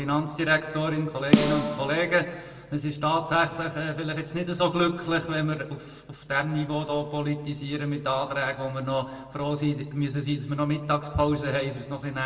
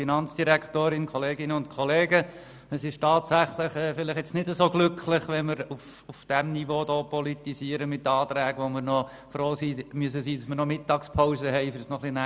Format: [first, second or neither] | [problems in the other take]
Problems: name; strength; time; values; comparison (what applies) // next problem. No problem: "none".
second | background sound (Snare drum); as loud as the speech // room echo; dies away in 1.2 s